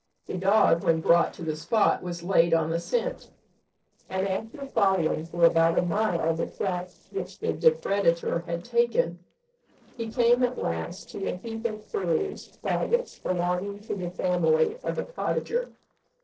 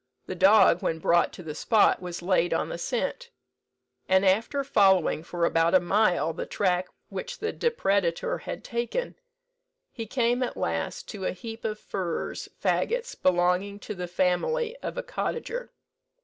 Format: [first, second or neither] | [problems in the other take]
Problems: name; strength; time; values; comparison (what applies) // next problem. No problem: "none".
second | noise reduction (neural separator model SepFormer DNS4)